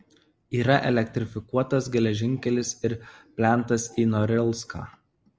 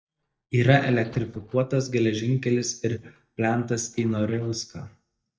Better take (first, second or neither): first